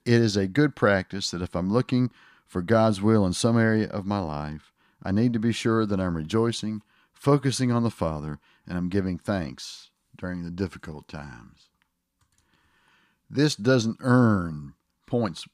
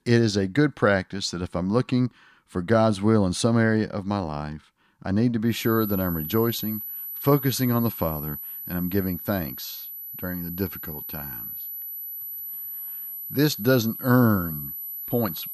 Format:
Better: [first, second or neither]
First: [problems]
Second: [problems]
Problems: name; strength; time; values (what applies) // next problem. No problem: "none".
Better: first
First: none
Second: high-pitched whine; loud; from 5.5 s on; 12 kHz, 8 dB below the speech